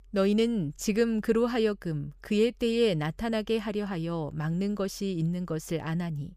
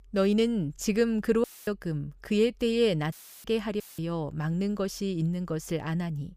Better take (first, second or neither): first